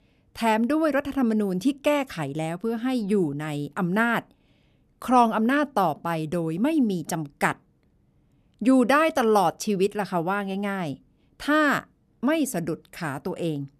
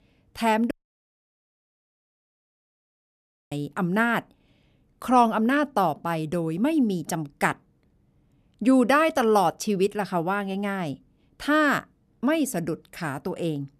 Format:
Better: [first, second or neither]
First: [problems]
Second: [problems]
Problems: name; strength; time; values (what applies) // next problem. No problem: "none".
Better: first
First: none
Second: audio cutting out; at 0.5 s for 3 s